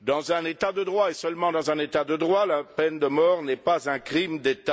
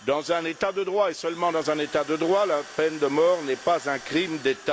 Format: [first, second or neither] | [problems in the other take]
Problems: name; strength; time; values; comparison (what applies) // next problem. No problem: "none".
first | background sound (Drill); 19 dB below the speech